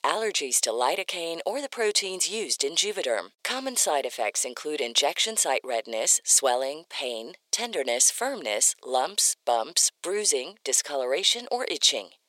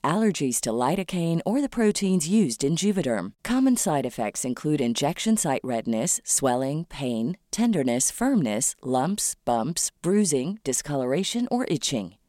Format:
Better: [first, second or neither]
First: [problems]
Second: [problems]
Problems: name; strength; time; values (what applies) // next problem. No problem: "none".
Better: second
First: thin; very; fading below 450 Hz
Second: none